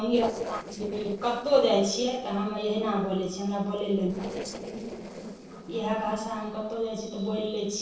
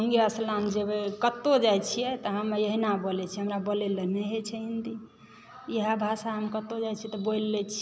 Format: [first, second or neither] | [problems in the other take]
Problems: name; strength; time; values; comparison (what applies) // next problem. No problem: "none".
second | noise reduction (neural separator model SepFormer DNS4)